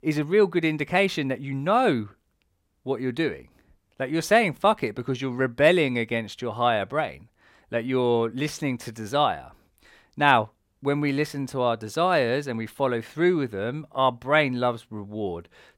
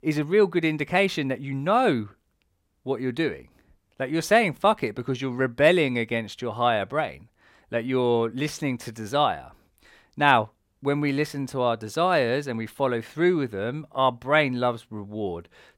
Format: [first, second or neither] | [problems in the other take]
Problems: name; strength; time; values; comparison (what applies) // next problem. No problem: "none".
neither | none